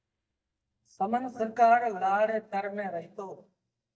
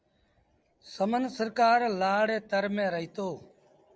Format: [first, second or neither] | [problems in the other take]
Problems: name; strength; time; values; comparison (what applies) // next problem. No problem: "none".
second | noise reduction (neural mask model DeepFilterNet 3)